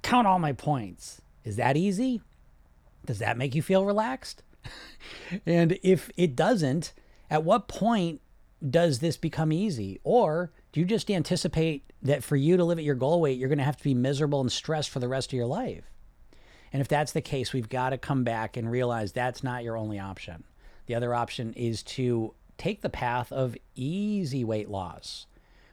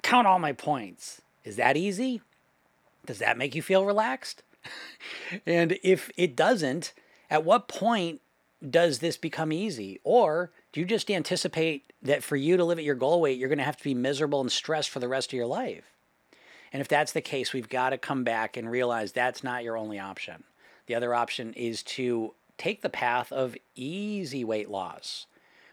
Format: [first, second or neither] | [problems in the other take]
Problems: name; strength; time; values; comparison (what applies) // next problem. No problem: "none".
first | thin; very slightly; fading below 250 Hz